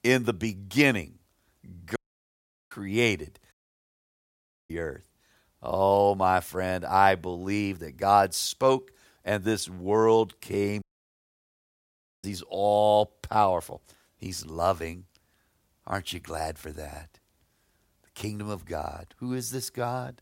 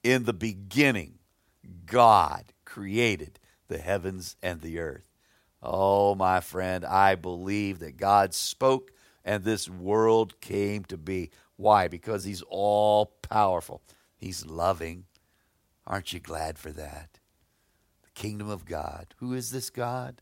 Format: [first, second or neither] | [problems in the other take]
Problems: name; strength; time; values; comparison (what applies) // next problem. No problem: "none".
second | audio cutting out; at 2 s for 1 s, at 3.5 s for 1 s and at 11 s for 1.5 s